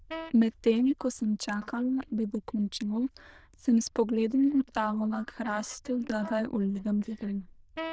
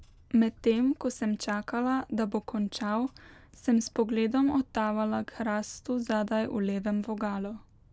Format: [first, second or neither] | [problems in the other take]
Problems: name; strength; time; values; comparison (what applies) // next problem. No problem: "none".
second | noise reduction (neural diffusion model UNIVERSE++)